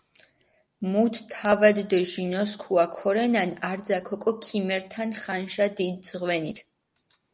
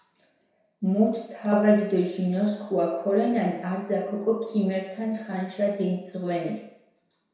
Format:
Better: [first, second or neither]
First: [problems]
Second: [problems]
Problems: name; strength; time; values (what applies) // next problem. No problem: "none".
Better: first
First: none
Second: room echo; dies away in 0.7 s